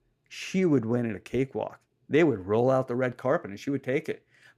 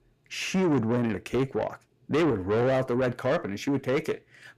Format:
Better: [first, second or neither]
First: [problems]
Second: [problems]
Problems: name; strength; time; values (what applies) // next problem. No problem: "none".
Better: first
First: none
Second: distortion; heavy; 8 dB below the speech